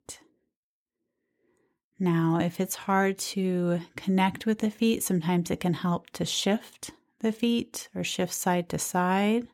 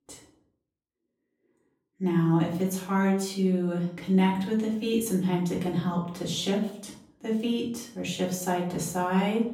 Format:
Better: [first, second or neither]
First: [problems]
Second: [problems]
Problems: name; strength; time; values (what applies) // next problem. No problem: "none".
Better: first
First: none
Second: off-mic speech; far // room echo; noticeable; dies away in 0.5 s